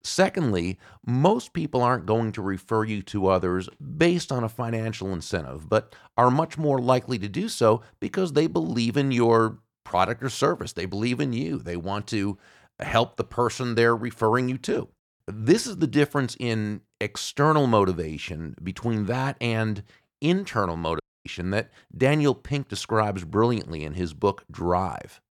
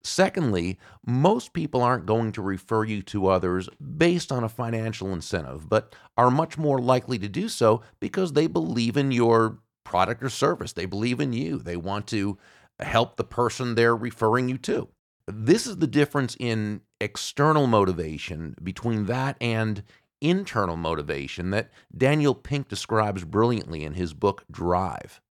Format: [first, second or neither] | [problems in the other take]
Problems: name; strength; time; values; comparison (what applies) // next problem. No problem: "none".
second | audio cutting out; at 21 s